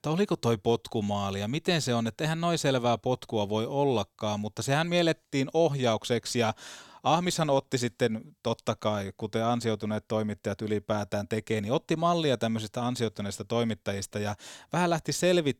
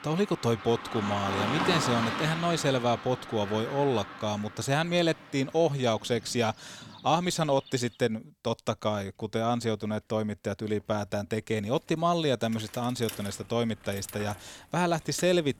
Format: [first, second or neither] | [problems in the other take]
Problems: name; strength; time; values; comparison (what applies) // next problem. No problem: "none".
first | traffic noise; loud; throughout; 8 dB below the speech